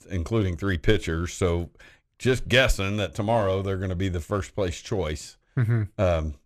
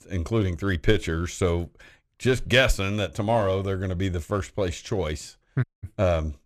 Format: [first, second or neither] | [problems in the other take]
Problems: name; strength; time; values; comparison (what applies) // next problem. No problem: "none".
first | audio cutting out; at 5.5 s